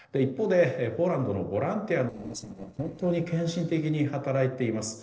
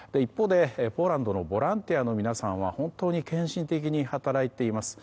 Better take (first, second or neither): second